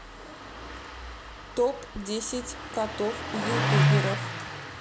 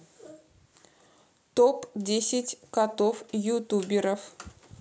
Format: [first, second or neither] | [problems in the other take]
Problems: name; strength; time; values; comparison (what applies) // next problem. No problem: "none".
second | background sound (Engine starting); 3 dB above the speech